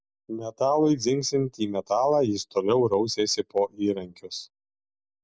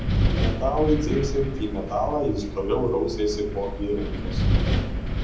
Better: first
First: none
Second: background sound (Wind); 1 dB above the speech // room echo; dies away in 0.6 s

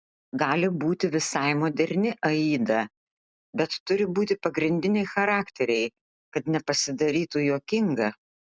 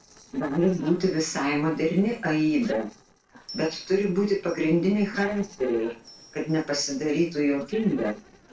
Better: first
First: none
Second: noise reduction (neural separator model SepFormer DNS4)

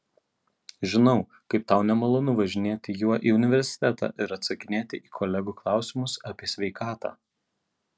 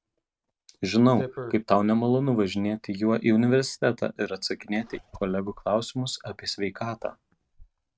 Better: first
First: none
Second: noise reduction (neural mask model RNNoise)

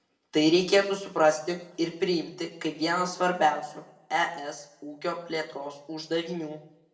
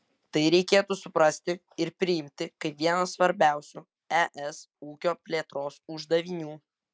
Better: second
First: room echo; dies away in 0.6 s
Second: none

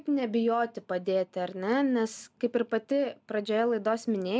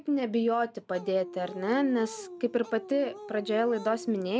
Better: first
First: none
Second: background sound (Dog); 15 dB below the speech

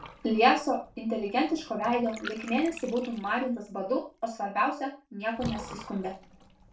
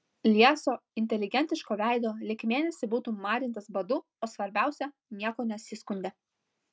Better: second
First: background sound (Bathtub (filling or washing) / Water); 17 dB below the speech // room echo; dies away in 0.3 s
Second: none

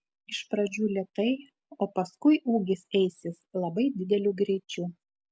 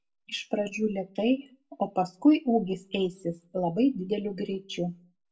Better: first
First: none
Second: room echo; dies away in 0.1 s

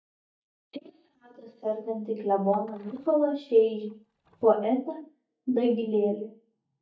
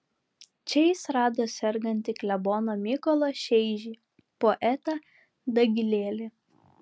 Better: second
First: noise reduction (neural mask model DeepFilterNet 3)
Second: none

